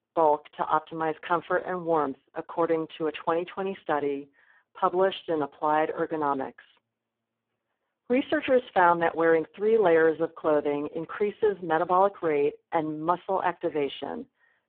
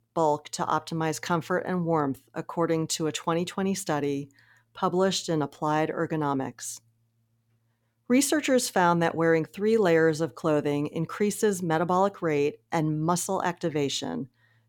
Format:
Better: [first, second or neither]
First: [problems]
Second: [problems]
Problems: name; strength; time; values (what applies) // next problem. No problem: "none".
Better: second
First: phone-call audio; poor line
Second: none